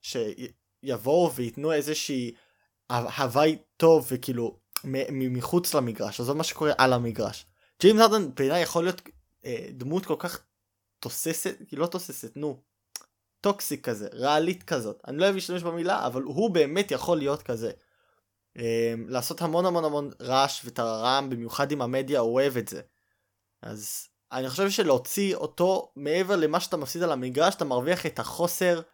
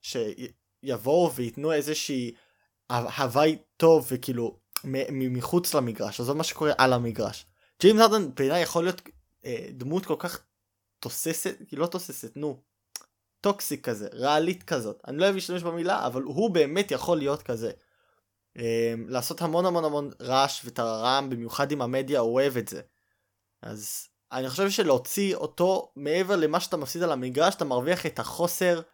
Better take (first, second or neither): neither